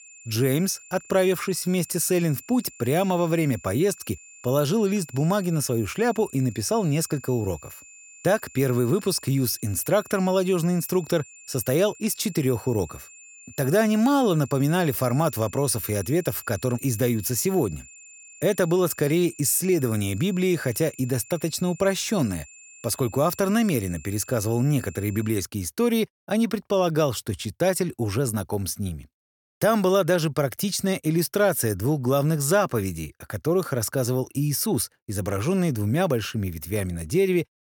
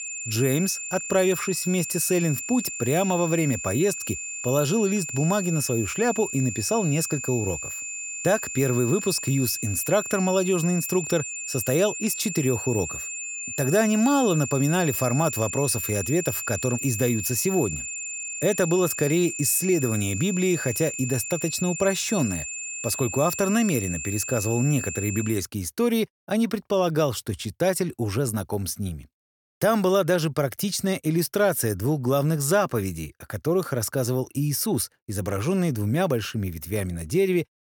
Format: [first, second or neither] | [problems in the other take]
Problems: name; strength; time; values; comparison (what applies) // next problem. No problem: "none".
first | high-pitched whine; loud; until 25 s; 7 kHz, 6 dB below the speech; faint in the first